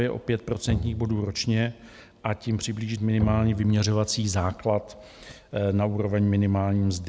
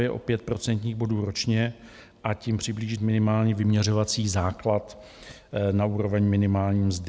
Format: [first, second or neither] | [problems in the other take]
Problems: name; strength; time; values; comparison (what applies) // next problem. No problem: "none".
second | background sound (Bowed string instrument); 11 dB below the speech